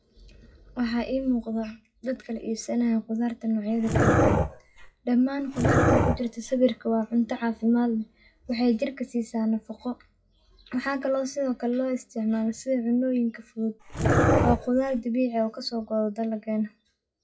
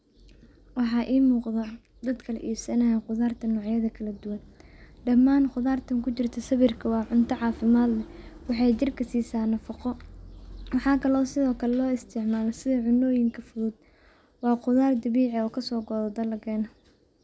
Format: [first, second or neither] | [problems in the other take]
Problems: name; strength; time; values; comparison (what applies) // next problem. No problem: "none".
second | noise reduction (classical method WPE with log-MMSE)